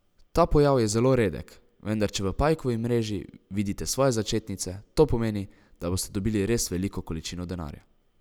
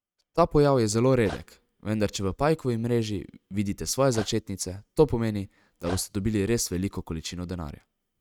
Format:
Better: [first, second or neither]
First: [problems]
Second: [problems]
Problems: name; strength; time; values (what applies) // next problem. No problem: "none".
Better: first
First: none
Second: noise reduction (neural mask model RNNoise)